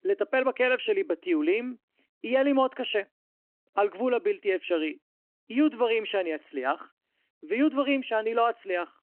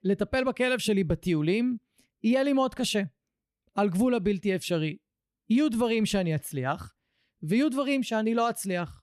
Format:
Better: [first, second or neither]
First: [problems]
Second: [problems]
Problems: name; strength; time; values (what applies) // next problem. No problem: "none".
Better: second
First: phone-call audio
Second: none